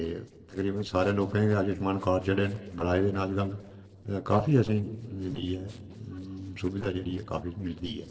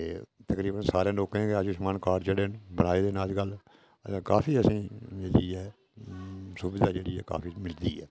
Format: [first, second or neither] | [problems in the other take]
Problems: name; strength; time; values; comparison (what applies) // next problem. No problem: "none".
second | noise reduction (neural separator model SepFormer DNS4)